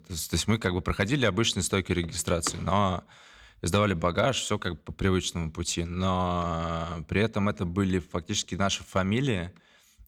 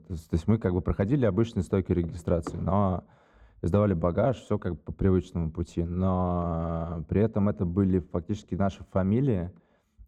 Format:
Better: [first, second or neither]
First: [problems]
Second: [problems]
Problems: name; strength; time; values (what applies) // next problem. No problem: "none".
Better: first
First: none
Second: muffled; very; fading above 1.5 kHz